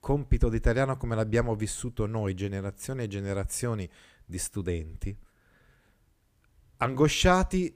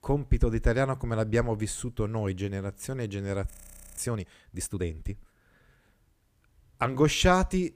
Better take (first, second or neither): first